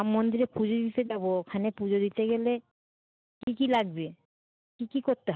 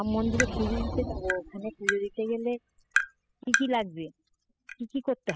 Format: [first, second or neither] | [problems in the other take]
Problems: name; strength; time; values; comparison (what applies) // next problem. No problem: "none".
first | noise reduction (classical method spectral subtraction)